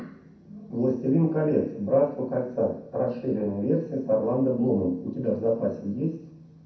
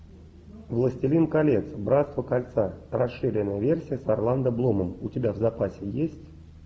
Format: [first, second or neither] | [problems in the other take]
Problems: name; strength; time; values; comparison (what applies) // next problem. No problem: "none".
second | room echo; dies away in 0.6 s